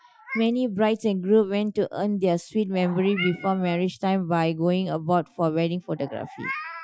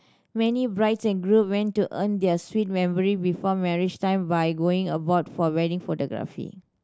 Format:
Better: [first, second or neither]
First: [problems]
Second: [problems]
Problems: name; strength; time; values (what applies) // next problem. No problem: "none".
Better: second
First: noise reduction (classical method Wiener filter)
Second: none